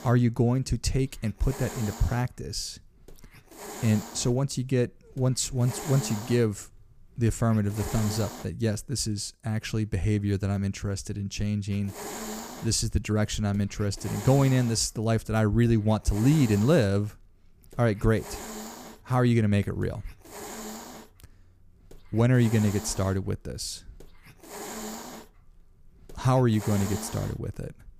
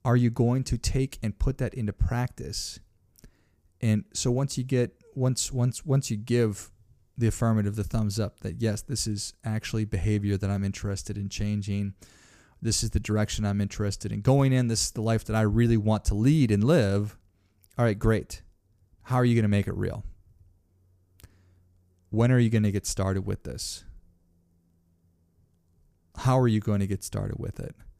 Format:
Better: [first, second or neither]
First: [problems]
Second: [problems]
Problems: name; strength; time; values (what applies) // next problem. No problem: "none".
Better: second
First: hiss; noticeable; until 8.5 s and from 12 s on; 15 dB below the speech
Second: none